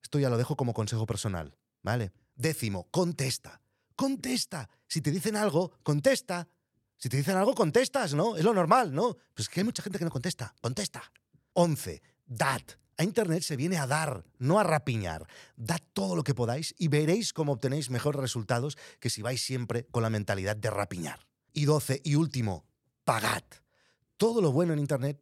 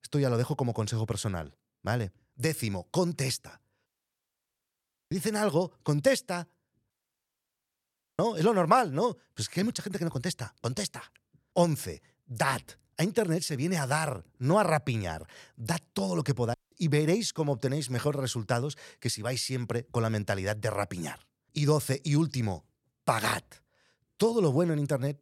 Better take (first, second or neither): first